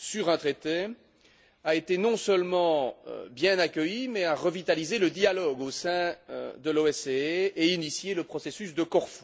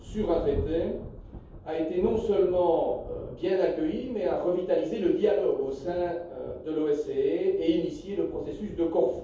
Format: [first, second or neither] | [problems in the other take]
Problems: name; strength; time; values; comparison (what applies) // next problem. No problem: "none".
first | background sound (Thunder); 15 dB below the speech // room echo; dies away in 0.7 s